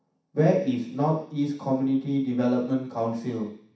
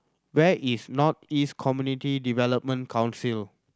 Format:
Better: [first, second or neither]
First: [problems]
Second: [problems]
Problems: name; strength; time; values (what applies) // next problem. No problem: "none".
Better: second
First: room echo; dies away in 0.7 s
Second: none